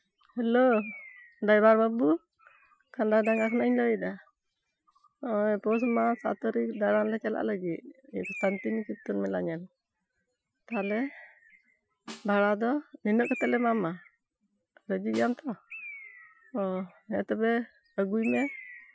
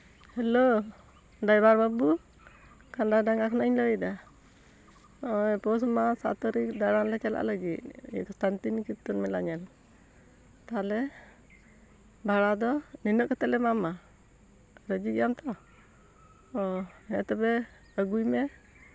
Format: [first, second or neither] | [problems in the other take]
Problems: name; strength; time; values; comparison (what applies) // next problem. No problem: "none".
second | noise reduction (classical method Wiener filter)